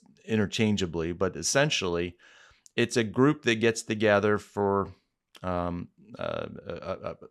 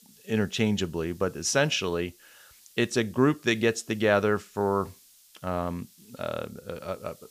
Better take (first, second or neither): first